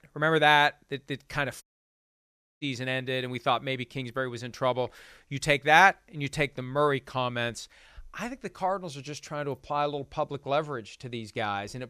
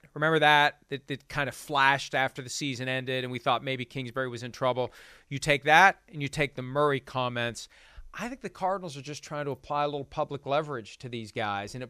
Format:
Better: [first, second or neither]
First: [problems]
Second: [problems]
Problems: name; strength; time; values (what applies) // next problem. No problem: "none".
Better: second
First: audio cutting out; at 1.5 s for 1 s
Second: none